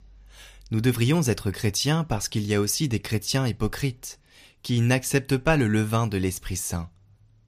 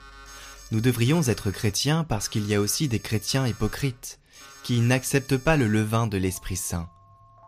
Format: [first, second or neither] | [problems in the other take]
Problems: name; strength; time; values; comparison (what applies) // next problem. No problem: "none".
first | alarms or sirens; faint; throughout; 20 dB below the speech